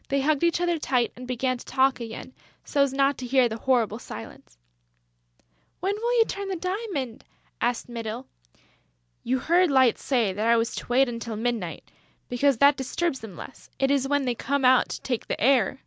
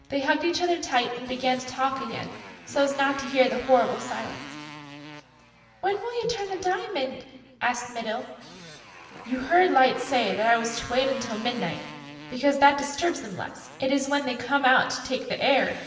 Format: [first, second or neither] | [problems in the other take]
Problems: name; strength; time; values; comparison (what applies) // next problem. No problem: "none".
first | background sound (Motorcycle); 17 dB below the speech // room echo; dies away in 1.2 s